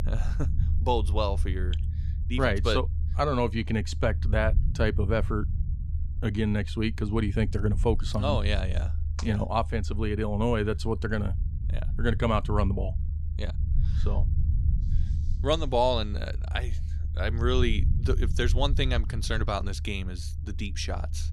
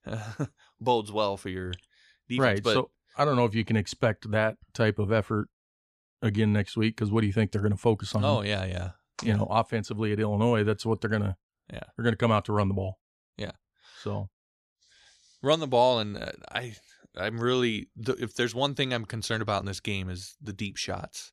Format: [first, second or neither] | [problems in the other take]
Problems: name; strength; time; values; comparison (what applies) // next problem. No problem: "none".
second | low rumble; noticeable; throughout; 20 dB below the speech